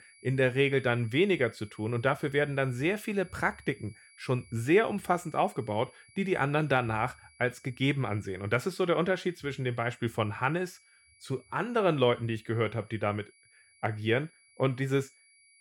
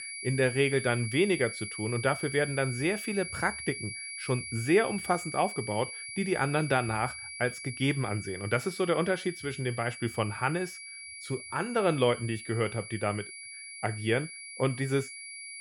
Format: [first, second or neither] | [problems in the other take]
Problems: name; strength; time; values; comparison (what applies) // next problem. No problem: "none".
first | high-pitched whine; loud; throughout; 2.5 kHz, 9 dB below the speech; faint in the first